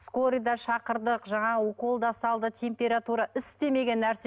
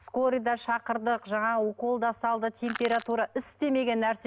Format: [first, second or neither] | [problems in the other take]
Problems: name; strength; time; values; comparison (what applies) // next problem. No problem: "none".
first | background sound (Crushing); 13 dB below the speech